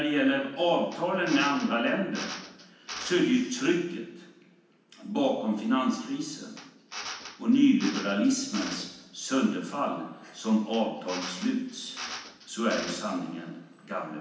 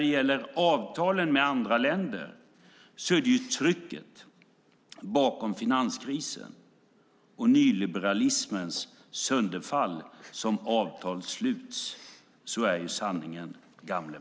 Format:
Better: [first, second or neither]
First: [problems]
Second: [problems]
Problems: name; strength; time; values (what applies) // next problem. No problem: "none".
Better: second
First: background sound (Drill); 14 dB below the speech // room echo; dies away in 0.9 s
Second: none